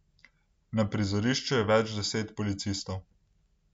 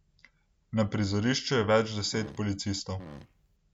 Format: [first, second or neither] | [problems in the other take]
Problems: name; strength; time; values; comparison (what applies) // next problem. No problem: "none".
first | background sound (Fart); 17 dB below the speech